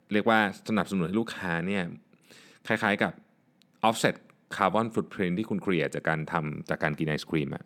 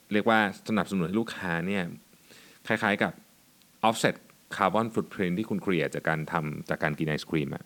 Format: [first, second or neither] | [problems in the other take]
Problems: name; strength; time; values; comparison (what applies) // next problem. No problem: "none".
first | hiss; faint; throughout; 30 dB below the speech